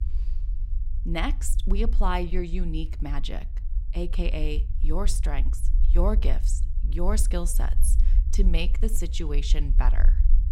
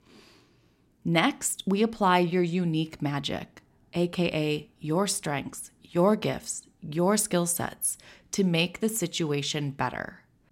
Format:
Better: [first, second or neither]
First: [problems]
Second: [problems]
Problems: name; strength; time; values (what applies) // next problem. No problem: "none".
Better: second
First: low rumble; noticeable; throughout; 15 dB below the speech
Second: none